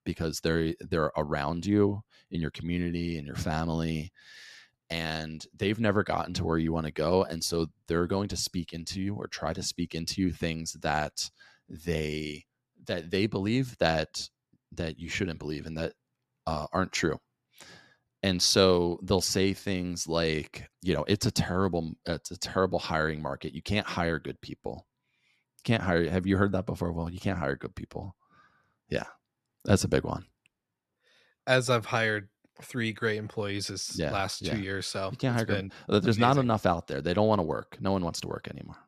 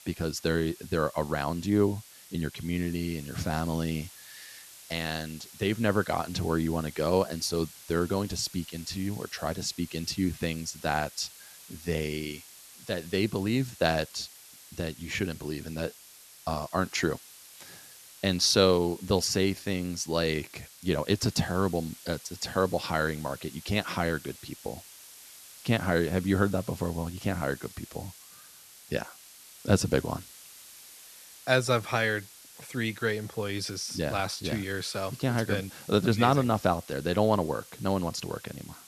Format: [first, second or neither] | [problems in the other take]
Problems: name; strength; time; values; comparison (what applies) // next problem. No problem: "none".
first | hiss; noticeable; throughout; 20 dB below the speech